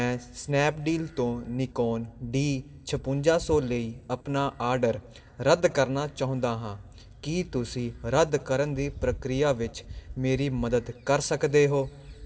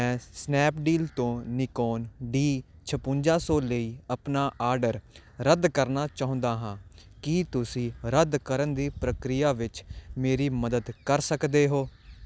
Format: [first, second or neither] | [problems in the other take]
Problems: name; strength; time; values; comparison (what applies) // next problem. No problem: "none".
second | room echo; dies away in 0.3 s